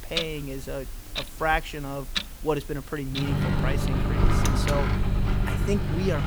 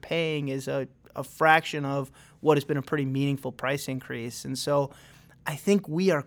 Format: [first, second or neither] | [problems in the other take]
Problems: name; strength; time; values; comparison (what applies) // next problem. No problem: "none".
second | household noises; very loud; throughout; 4 dB above the speech